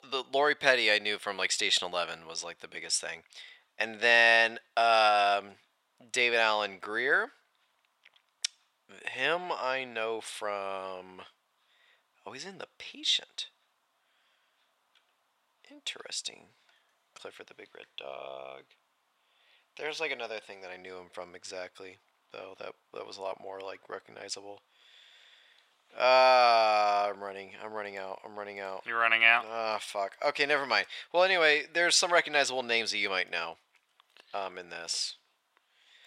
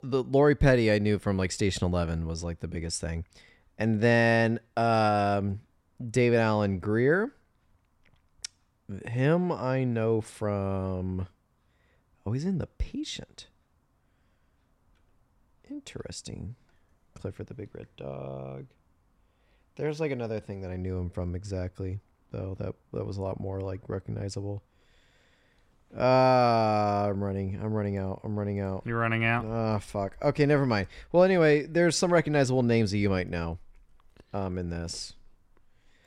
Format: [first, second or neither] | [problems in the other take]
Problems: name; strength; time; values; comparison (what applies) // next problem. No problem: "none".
second | thin; very; fading below 850 Hz